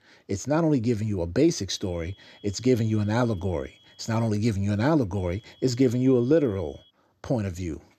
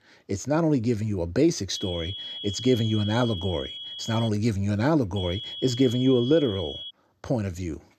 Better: first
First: high-pitched whine; faint; from 2 to 4.5 s and from 5 to 7 s; 3.5 kHz, 30 dB below the speech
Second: high-pitched whine; loud; from 2 to 4.5 s and from 5 to 7 s; 3.5 kHz, 9 dB below the speech

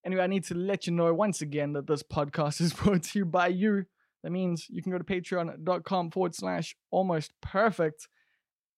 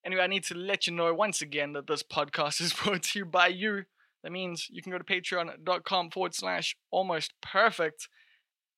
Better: first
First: none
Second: thin; somewhat; fading below 950 Hz

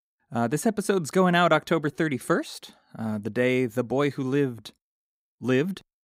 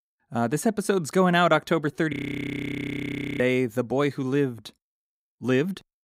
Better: first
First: none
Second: audio freezing; at 2 s for 1.5 s

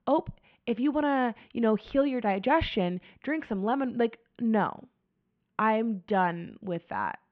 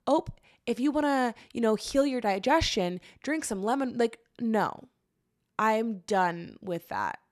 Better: second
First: muffled; very; fading above 3 kHz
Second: none

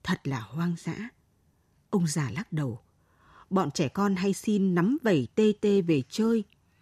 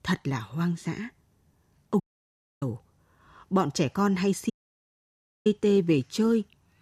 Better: first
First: none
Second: audio cutting out; at 2 s for 0.5 s and at 4.5 s for 1 s

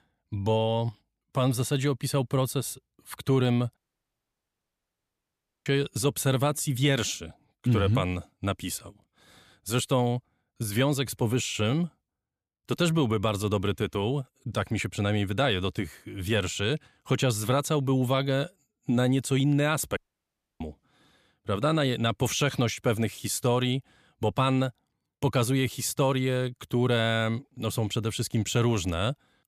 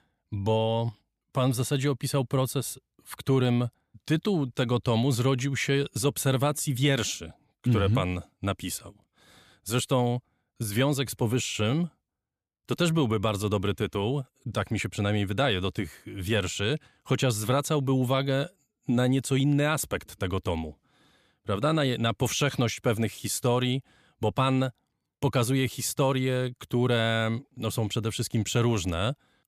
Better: second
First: audio cutting out; at 4 s for 2 s and at 20 s for 0.5 s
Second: none

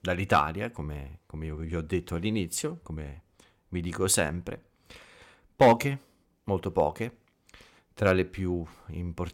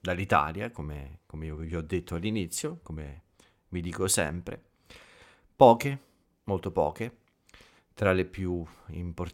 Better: second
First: distortion; slight; 0.4% of the sound clipped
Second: none

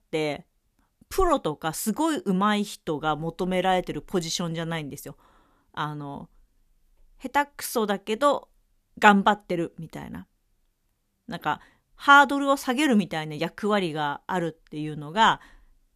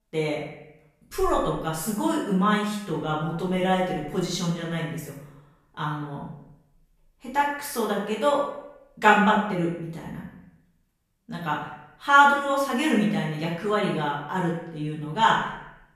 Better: first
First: none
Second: off-mic speech; far // room echo; noticeable; dies away in 0.7 s

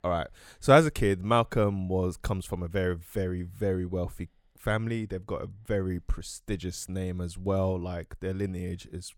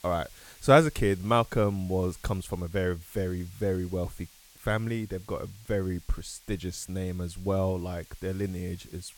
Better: first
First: none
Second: hiss; faint; throughout; 25 dB below the speech

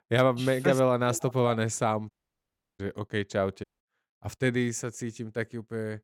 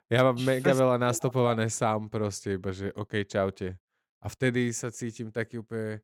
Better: second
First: audio cutting out; at 2 s for 0.5 s and at 3.5 s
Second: none

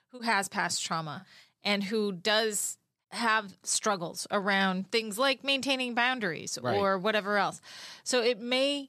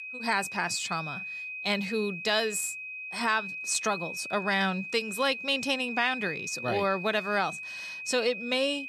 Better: first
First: none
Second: high-pitched whine; loud; throughout; 2.5 kHz, 7 dB below the speech

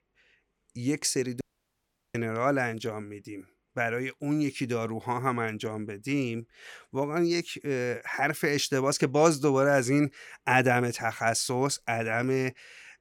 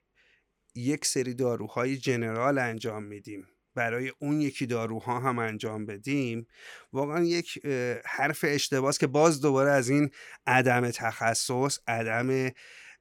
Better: second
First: audio cutting out; at 1.5 s for 0.5 s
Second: none

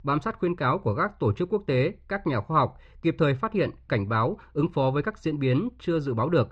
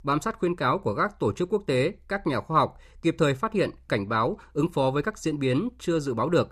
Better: second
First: muffled; very slightly; fading above 4 kHz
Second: none

